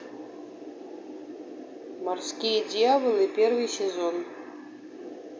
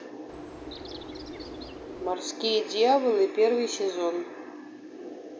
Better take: first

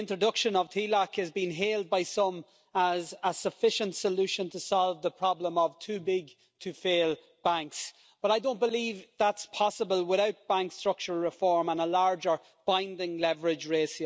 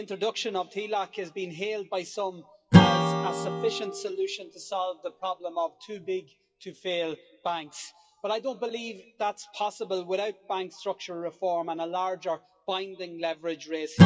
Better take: first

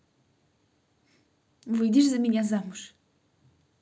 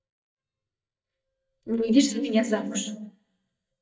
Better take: first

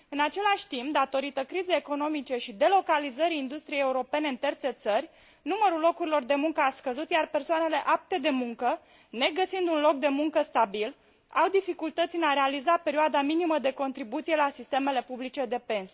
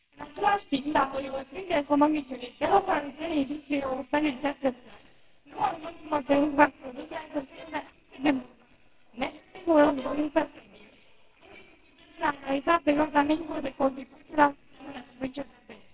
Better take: first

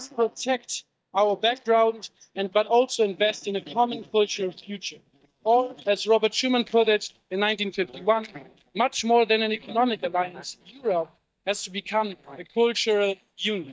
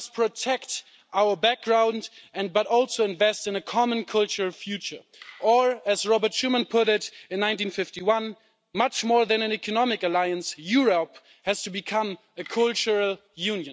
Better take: second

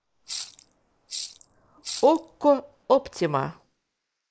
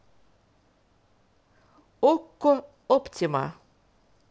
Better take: second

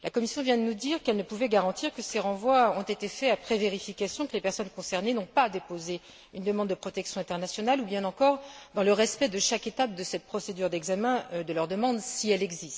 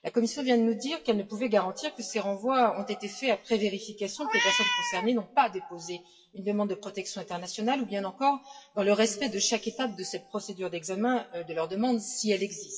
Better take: first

